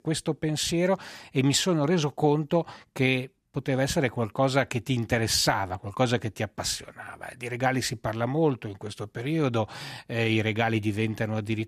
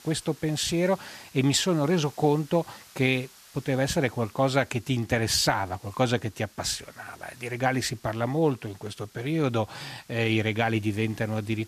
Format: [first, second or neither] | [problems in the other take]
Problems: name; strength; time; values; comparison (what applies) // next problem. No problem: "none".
first | hiss; faint; throughout; 25 dB below the speech